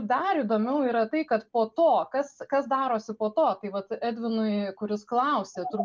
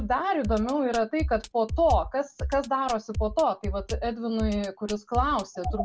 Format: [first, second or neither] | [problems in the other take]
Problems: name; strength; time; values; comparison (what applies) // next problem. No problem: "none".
first | background sound (Drum kit); 7 dB below the speech